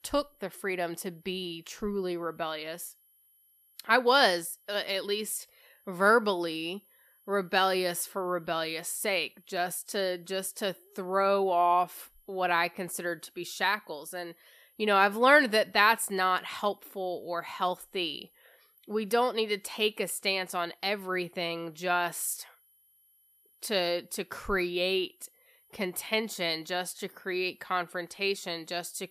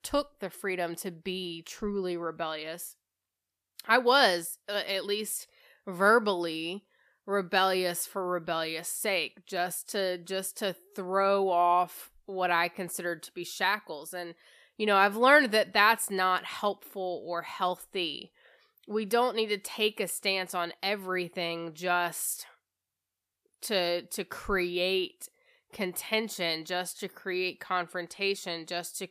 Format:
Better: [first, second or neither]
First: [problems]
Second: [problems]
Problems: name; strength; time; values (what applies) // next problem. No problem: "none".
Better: second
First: high-pitched whine; faint; throughout; 11.5 kHz, 35 dB below the speech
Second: none